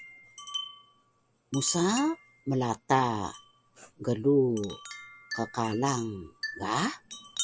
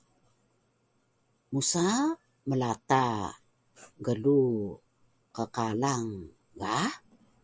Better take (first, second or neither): second